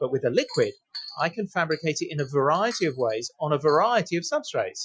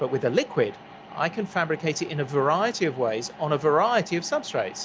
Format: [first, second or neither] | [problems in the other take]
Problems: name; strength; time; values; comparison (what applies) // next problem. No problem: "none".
second | noise reduction (classical method Wiener filter)